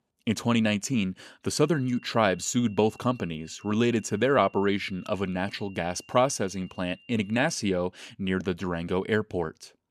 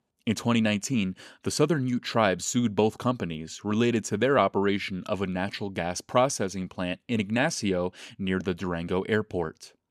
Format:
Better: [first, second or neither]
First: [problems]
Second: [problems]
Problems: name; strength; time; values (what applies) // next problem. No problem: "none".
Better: second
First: high-pitched whine; faint; from 1.5 to 7.5 s; 3 kHz, 25 dB below the speech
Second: none